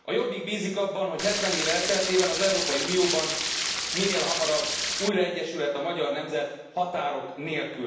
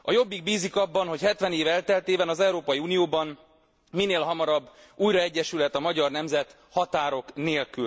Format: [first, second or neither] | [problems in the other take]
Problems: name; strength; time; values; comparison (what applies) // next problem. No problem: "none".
second | background sound (Stream); 1 dB below the speech // room echo; dies away in 0.9 s